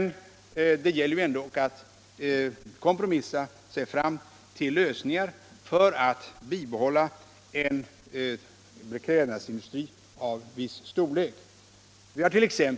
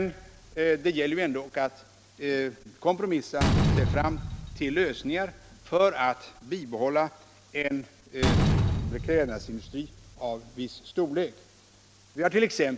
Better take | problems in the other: first | background sound (Slam); 3 dB below the speech

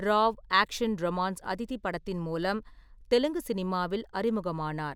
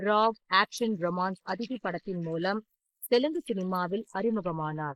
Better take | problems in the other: first | noise reduction (neural mask model Resemble Enhance denoiser)

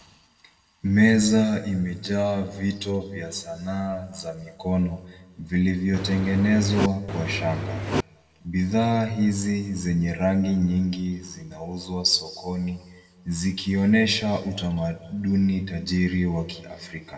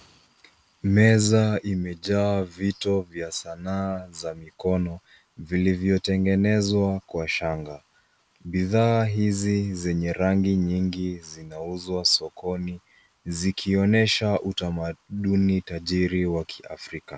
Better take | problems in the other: second | background sound (Engine); 4 dB below the speech // room echo; dies away in 1.1 s

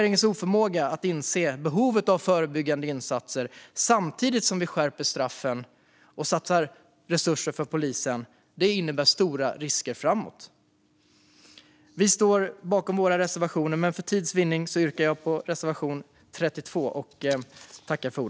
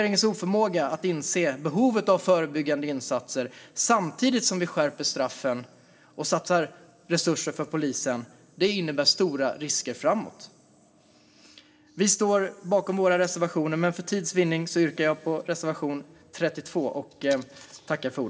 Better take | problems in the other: first | room echo; dies away in 2.2 s

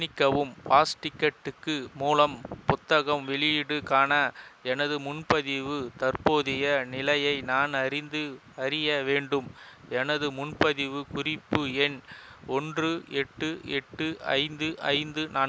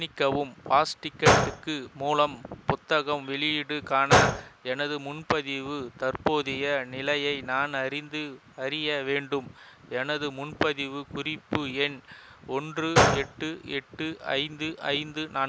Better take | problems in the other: first | background sound (Gunshot, gunfire); 2 dB above the speech

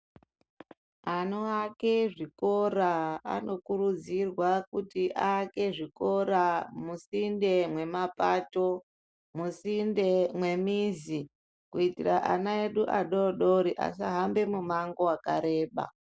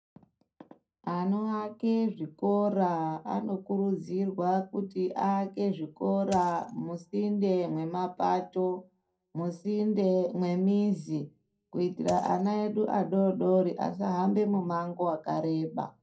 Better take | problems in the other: first | background sound (Coin (dropping)); 19 dB below the speech // room echo; dies away in 0.2 s

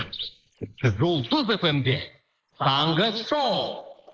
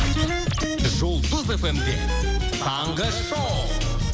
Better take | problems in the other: second | noise reduction (neural mask model Resemble Enhance denoiser)

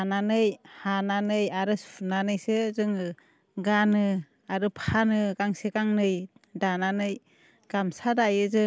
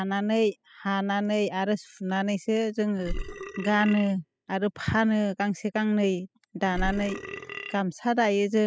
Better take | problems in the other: first | noise reduction (classical method spectral subtraction)

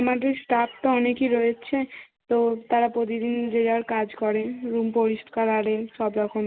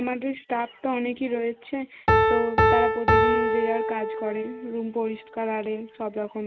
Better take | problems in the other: first | background sound (Piano); 3 dB above the speech

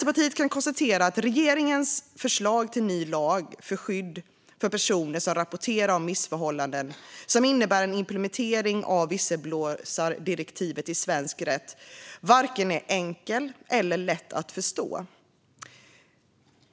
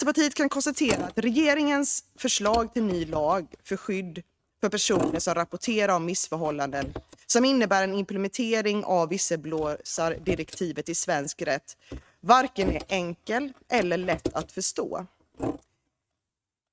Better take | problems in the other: first | noise reduction (neural mask model RNNoise)

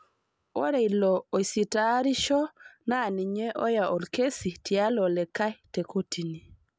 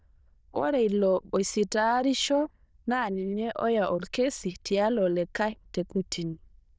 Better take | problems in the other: first | noise reduction (neural diffusion model UNIVERSE++)

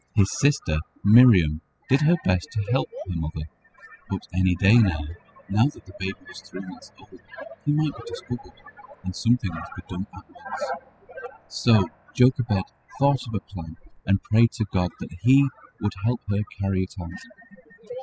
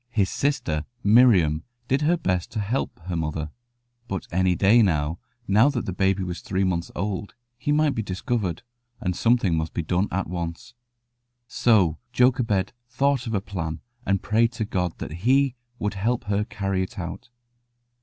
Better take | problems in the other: second | noise reduction (classical method spectral subtraction)

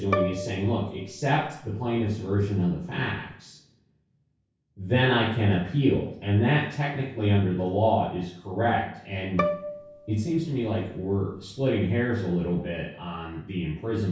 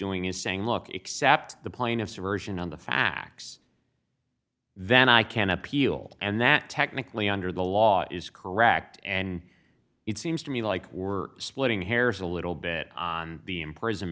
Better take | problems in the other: second | background sound (Bowed string instrument); 10 dB below the speech // room echo; dies away in 0.6 s

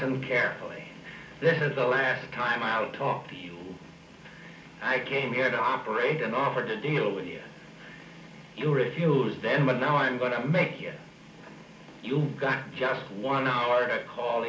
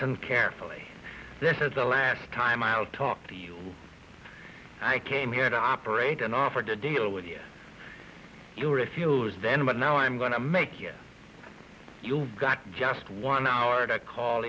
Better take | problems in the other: second | room echo; dies away in 0.4 s

